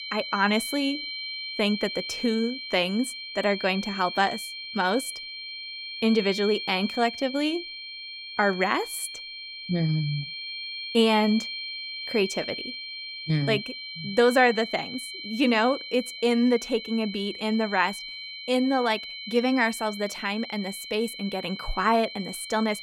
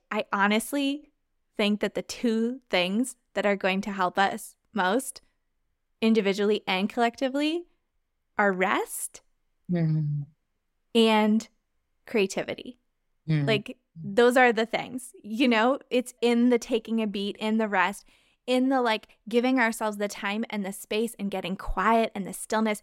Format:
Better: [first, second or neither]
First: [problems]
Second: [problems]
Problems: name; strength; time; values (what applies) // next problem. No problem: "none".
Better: second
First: high-pitched whine; loud; throughout; 4 kHz, 8 dB below the speech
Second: none